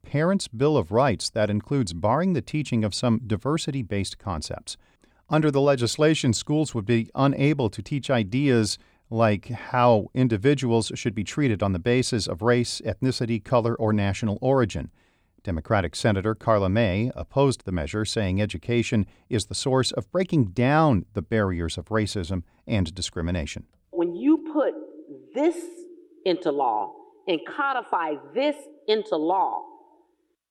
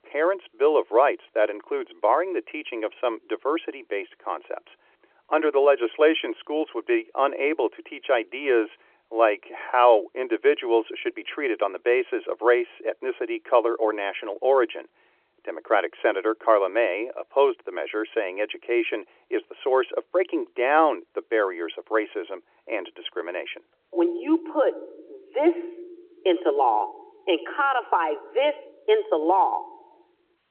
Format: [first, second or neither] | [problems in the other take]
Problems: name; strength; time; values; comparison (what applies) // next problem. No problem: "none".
first | phone-call audio; nothing above 3.5 kHz